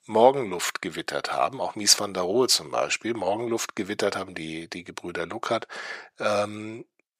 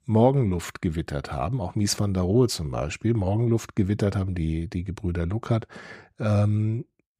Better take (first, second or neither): second